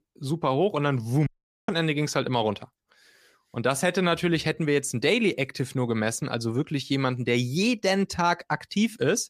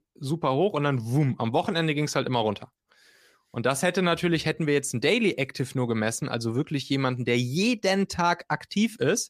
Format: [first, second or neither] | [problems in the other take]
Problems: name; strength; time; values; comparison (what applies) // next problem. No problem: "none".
second | audio cutting out; at 1.5 s